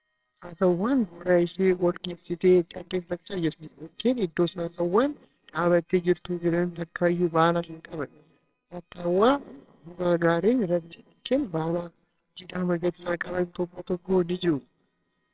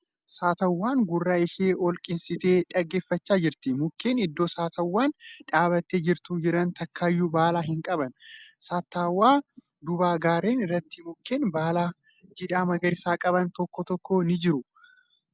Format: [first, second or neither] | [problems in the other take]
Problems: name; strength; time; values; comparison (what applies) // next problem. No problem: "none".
second | noise reduction (neural separator model SepFormer WHAMR!)